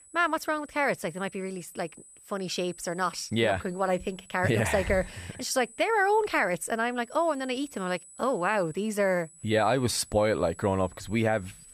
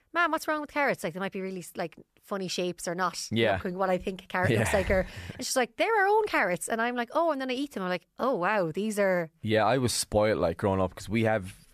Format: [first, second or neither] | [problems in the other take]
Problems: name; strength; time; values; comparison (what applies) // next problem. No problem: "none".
second | high-pitched whine; faint; throughout; 8 kHz, 20 dB below the speech